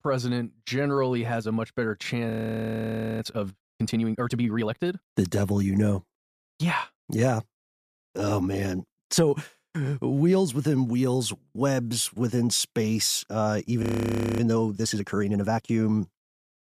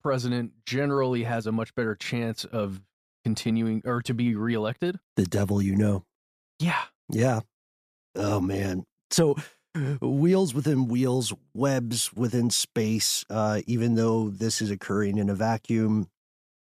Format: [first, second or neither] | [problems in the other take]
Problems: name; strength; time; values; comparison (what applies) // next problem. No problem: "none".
second | audio freezing; at 2.5 s for 1 s and at 14 s for 0.5 s